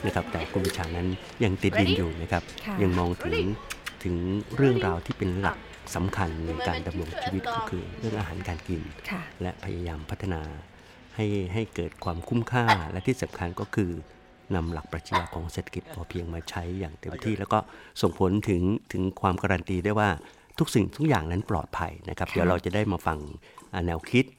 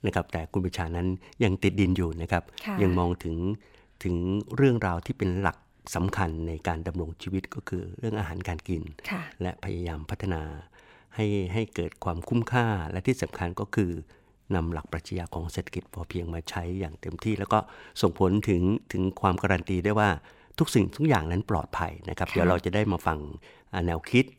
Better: second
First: animal sounds; loud; throughout; 4 dB below the speech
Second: none

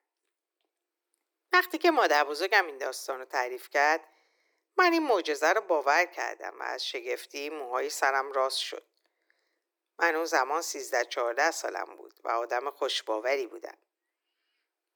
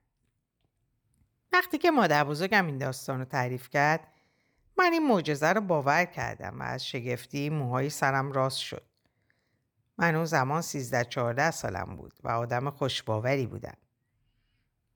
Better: second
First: thin; very; fading below 300 Hz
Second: none

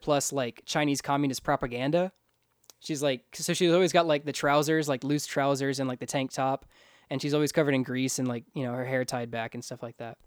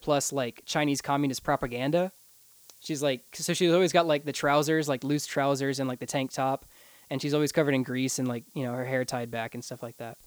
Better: first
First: none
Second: hiss; faint; throughout; 25 dB below the speech

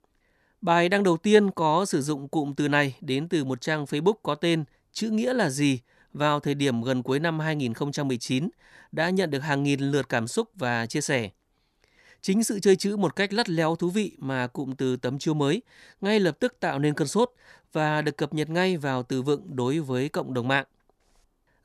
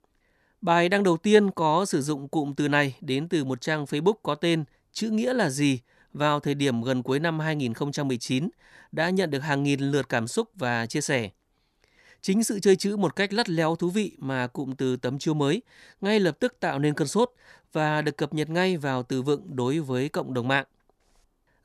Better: neither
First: none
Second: none

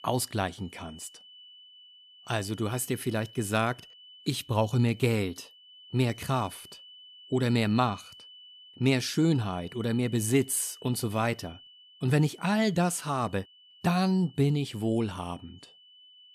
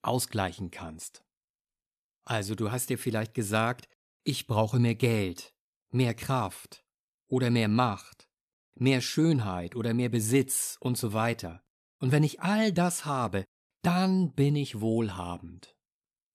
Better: second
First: high-pitched whine; faint; throughout; 3 kHz, 20 dB below the speech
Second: none

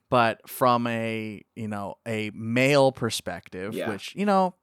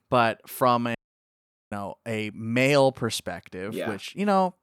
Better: first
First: none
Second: audio cutting out; at 1 s for 1 s

